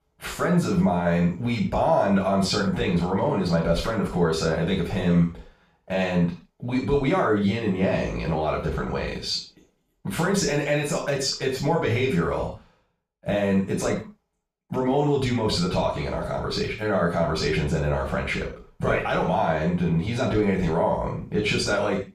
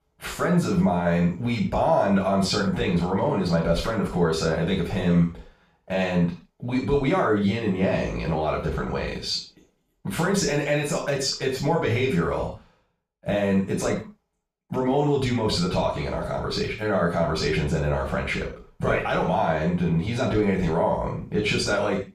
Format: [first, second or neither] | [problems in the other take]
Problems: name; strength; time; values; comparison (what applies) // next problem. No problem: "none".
neither | room echo; noticeable; dies away in 0.3 s; the same in both // off-mic speech; far; the same in both